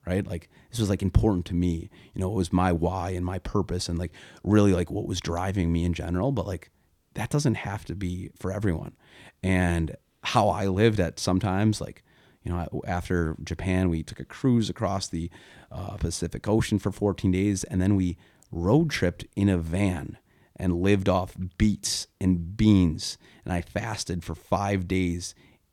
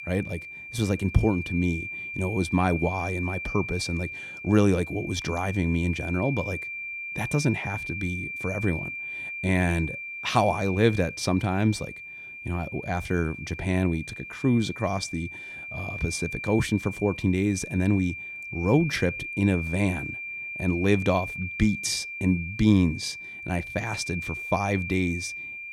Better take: first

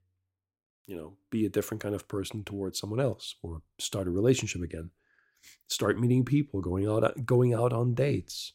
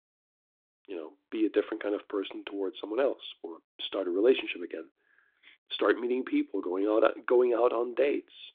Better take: first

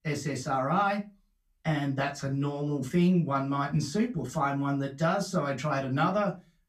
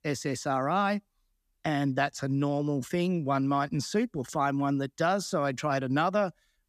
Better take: second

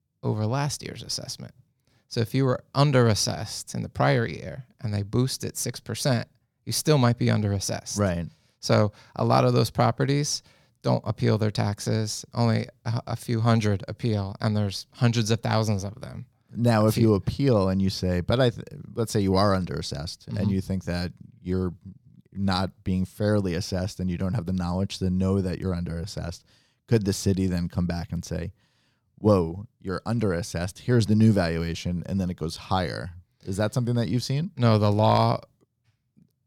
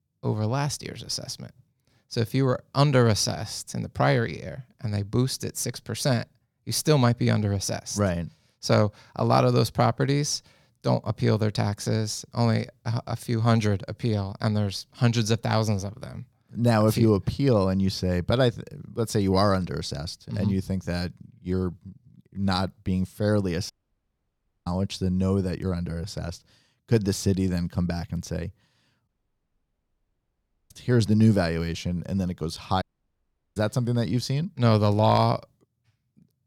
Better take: first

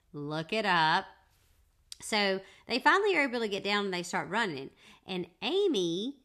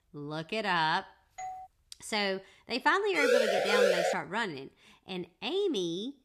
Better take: first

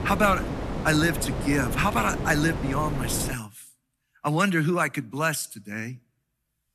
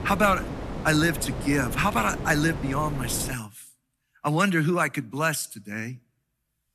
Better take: second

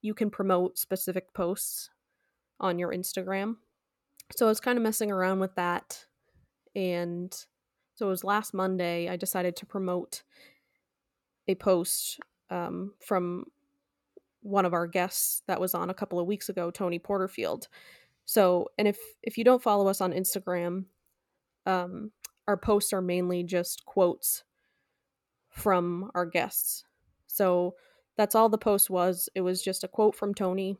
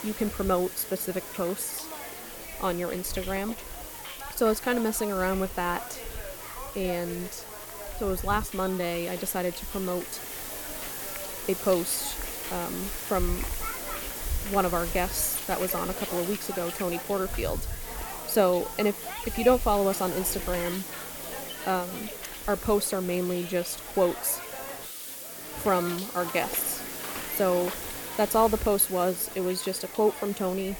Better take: first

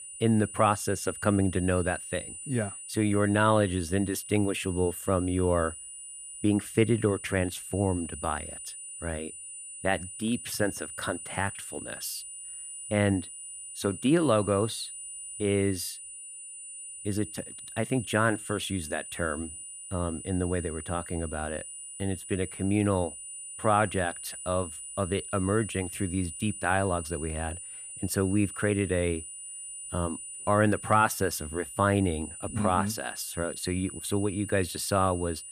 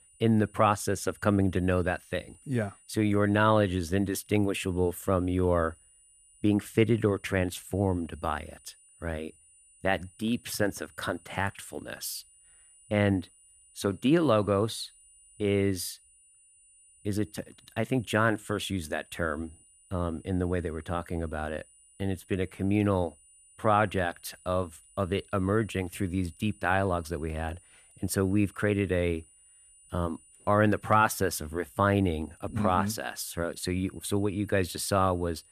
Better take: second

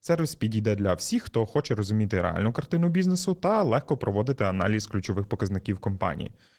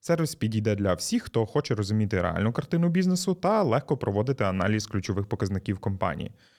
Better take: second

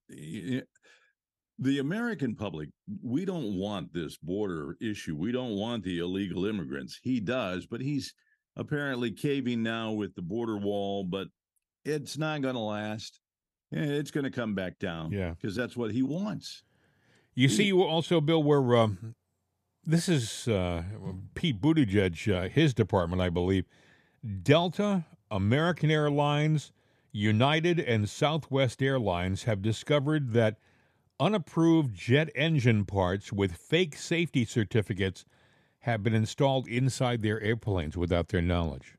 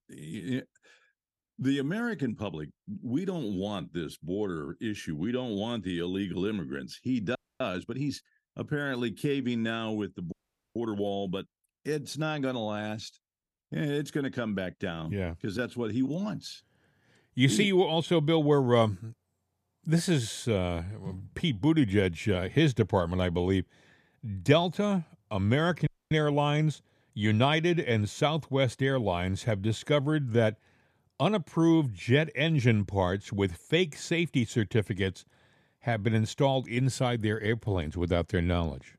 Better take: first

